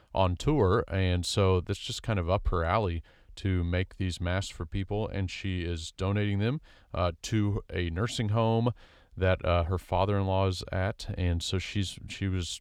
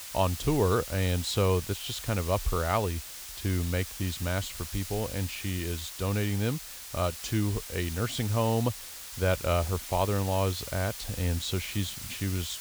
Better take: first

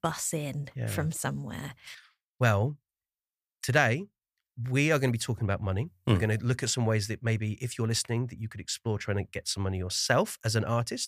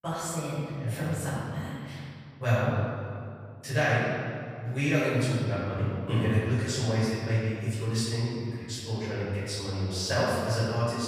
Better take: first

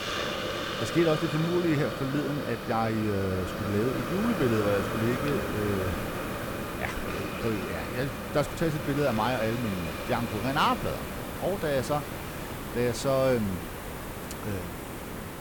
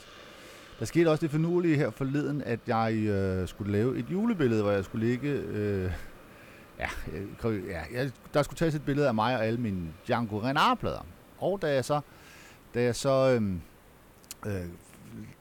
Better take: second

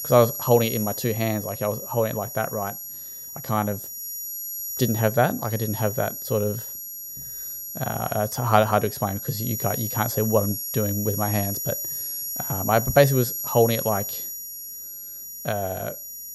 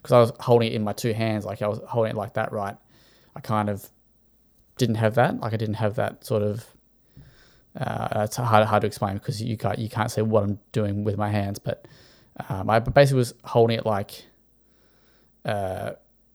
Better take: second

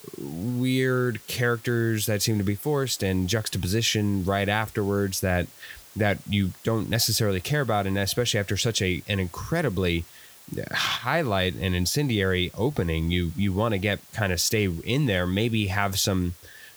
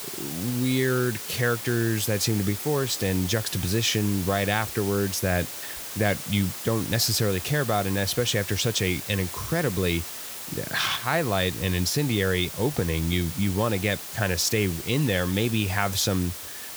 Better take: first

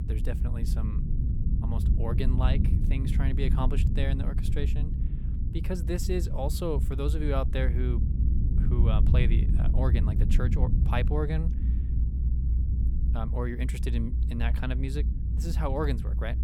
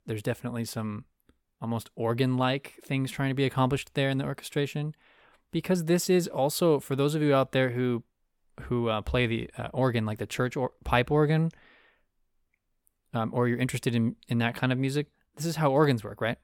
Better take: second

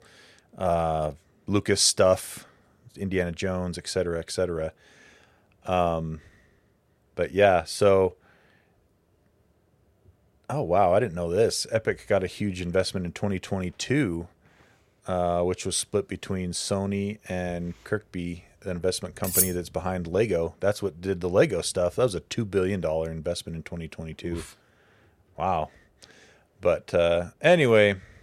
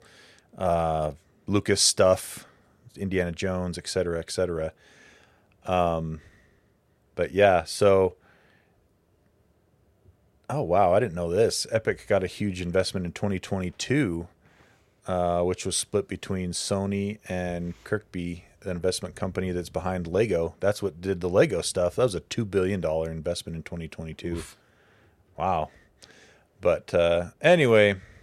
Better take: second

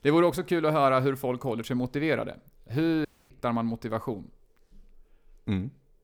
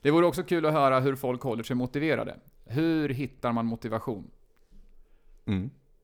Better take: second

